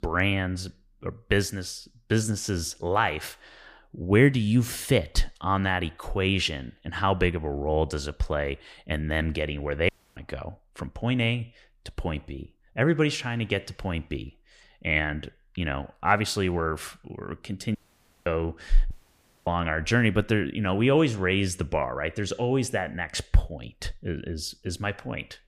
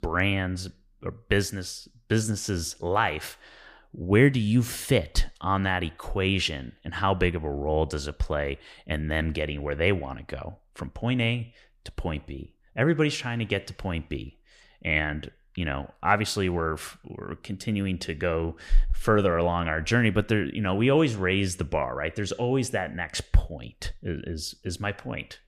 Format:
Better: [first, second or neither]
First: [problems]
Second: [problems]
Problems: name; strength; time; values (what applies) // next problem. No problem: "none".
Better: second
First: audio cutting out; at 10 s, at 18 s for 0.5 s and at 19 s for 0.5 s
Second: none